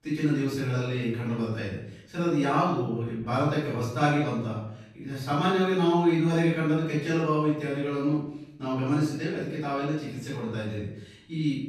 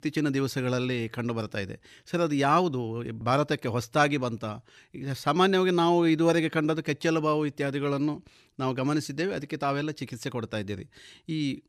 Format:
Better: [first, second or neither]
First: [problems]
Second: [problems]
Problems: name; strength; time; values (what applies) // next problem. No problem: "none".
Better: second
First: room echo; strong; dies away in 0.7 s // off-mic speech; far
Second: none